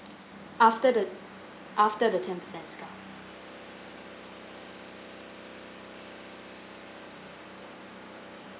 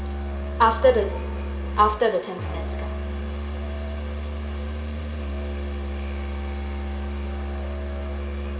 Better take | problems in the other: first | background sound (Musical instrument); 1 dB below the speech // room echo; dies away in 1.8 s

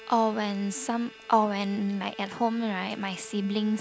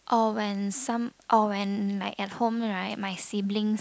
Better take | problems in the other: second | background sound (Bowed string instrument); 19 dB below the speech

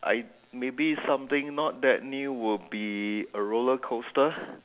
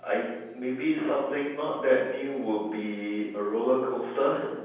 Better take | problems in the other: first | room echo; dies away in 1.1 s

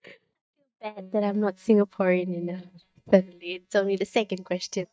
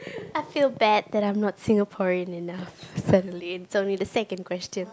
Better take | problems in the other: second | noise reduction (neural mask model DeepFilterNet 3)

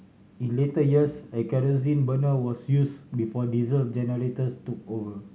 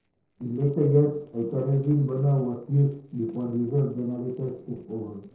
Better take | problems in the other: first | noise reduction (neural separator model SepFormer DNS4)

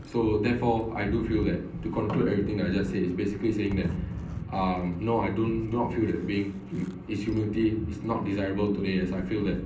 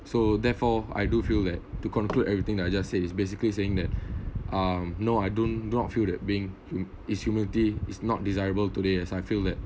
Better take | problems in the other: second | background sound (Zipper (clothing)); 20 dB below the speech // room echo; dies away in 0.6 s

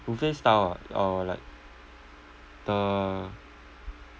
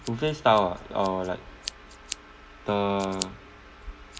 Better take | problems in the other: first | background sound (Scissors); 15 dB below the speech // room echo; dies away in 1.1 s

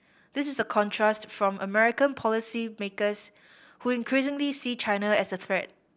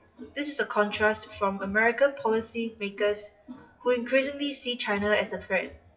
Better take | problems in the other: first | noise reduction (classical method WPE with log-MMSE)

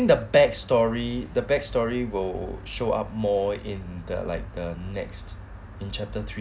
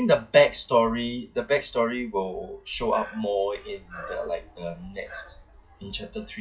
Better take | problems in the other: first | noise reduction (classical method WPE with log-MMSE)

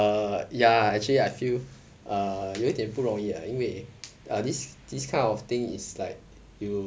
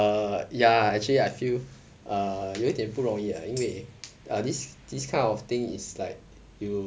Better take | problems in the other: first | background sound (Tambourine); 20 dB below the speech

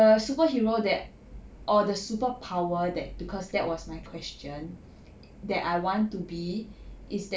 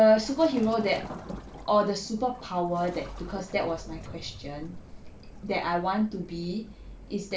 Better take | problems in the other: first | background sound (Waves, surf); 17 dB below the speech

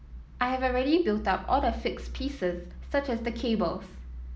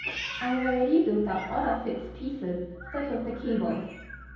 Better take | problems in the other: first | background sound (Meow); 11 dB below the speech // room echo; dies away in 2.2 s

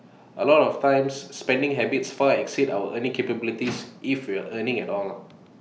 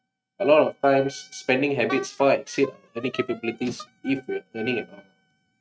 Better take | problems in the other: first | noise reduction (neural mask model RNNoise)

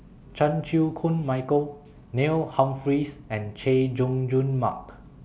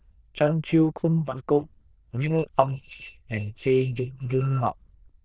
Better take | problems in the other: first | noise reduction (neural diffusion model UNIVERSE++)

